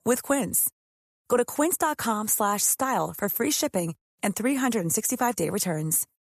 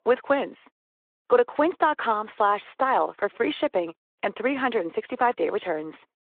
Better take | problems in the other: first | phone-call audio

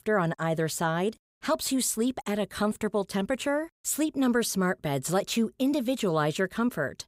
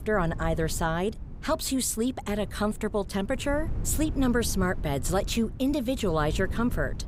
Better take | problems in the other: first | wind noise on the microphone; occasional gusts; 20 dB below the speech

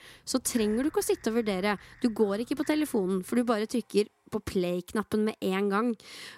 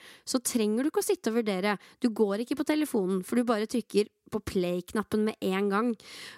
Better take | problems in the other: second | household noises; faint; throughout; 25 dB below the speech

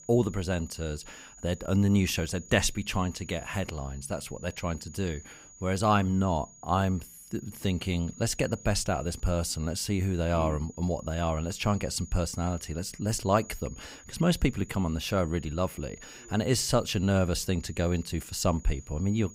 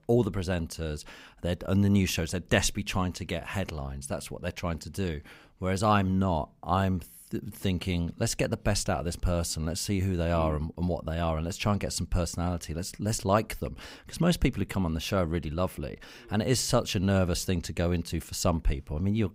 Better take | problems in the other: second | high-pitched whine; faint; throughout; 6.5 kHz, 20 dB below the speech

